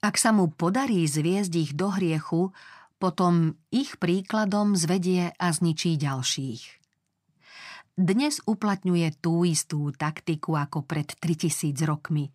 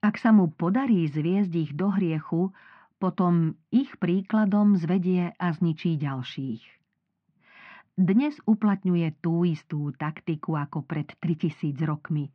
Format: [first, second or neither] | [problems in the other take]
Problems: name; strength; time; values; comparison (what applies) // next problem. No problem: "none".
first | muffled; very; fading above 3 kHz